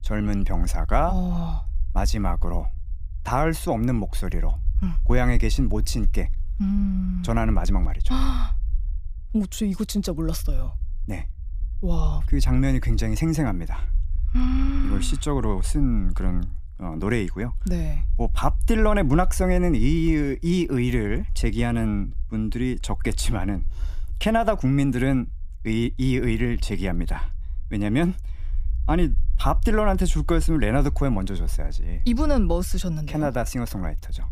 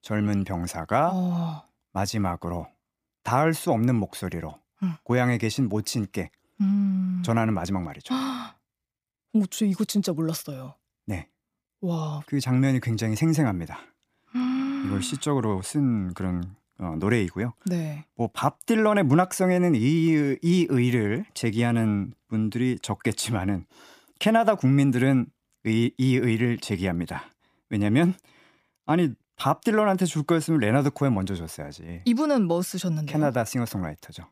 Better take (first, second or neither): second